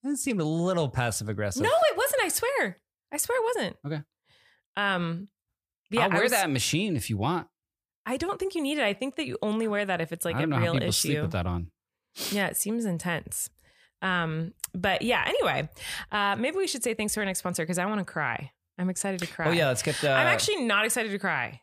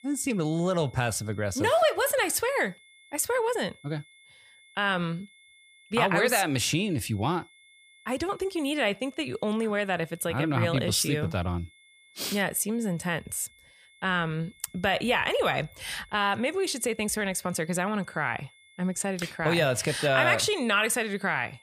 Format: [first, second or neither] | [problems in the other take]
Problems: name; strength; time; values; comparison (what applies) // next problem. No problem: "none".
first | high-pitched whine; faint; throughout; 2 kHz, 25 dB below the speech